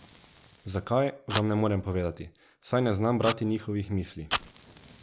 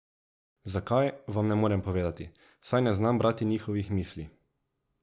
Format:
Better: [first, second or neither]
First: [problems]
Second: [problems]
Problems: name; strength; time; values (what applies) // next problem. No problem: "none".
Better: second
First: background sound (Fire); 11 dB below the speech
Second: none